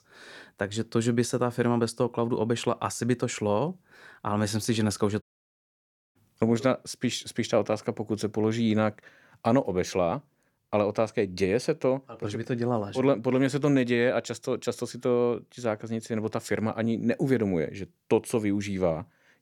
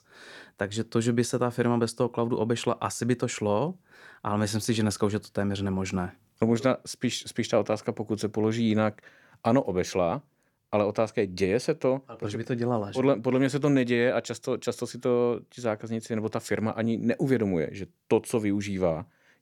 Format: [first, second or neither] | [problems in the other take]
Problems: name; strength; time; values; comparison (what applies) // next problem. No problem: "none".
second | audio cutting out; at 5 s for 1 s